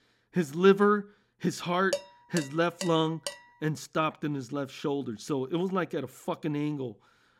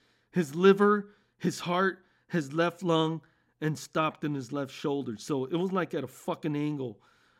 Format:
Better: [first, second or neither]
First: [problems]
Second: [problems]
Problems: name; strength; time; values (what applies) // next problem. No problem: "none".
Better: second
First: clattering dishes; noticeable; from 2 to 3.5 s; peak 6 dB below the speech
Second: none